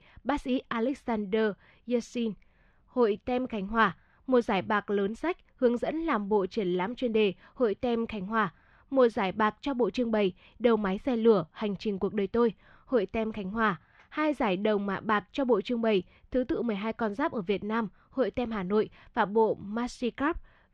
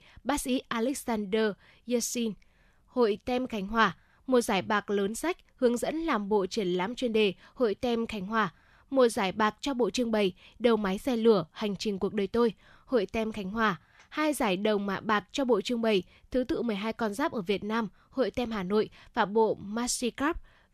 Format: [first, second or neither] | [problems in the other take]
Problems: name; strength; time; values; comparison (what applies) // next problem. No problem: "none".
second | muffled; slightly; fading above 2.5 kHz